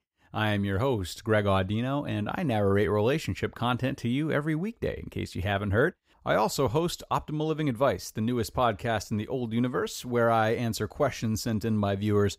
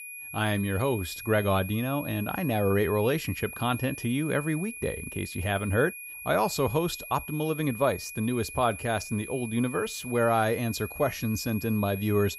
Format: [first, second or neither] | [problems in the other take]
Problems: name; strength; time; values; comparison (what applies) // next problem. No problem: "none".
first | high-pitched whine; noticeable; throughout; 2.5 kHz, 10 dB below the speech